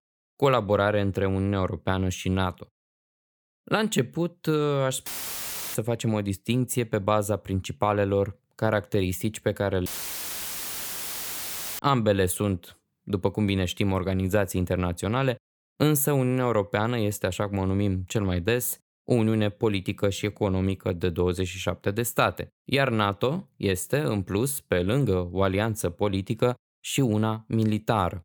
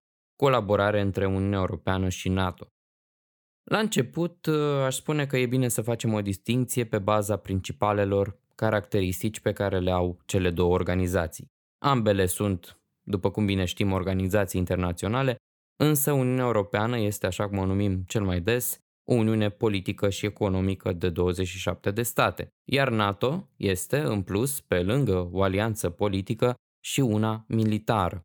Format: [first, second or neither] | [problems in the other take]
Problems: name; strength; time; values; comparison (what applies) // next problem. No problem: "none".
second | audio cutting out; filled with static; at 5 s for 0.5 s and at 10 s for 2 s